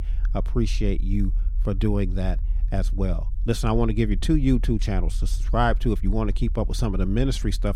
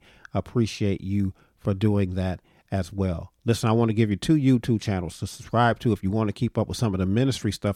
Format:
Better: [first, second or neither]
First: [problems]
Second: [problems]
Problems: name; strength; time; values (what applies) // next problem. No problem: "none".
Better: second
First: low rumble; faint; throughout; 25 dB below the speech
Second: none